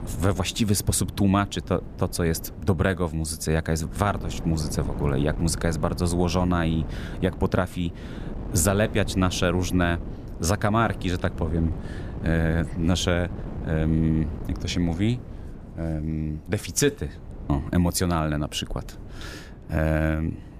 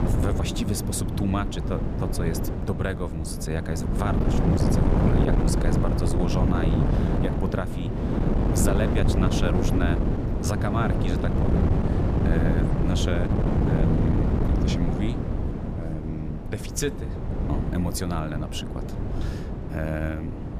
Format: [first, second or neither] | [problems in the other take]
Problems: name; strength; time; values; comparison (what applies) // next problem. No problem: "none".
first | wind noise on the microphone; heavy; 1 dB above the speech; occasional gusts in the first